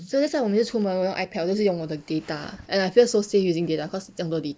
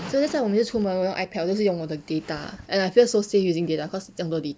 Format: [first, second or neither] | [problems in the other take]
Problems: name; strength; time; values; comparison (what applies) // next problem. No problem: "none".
second | noise reduction (neural mask model Resemble Enhance denoiser)